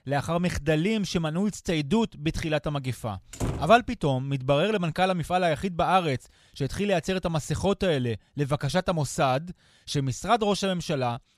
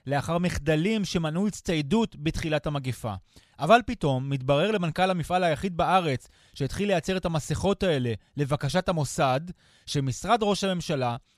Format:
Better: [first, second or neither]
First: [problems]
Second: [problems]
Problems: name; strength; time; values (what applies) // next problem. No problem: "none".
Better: second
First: door banging; noticeable; at 3.5 s; peak 6 dB below the speech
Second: none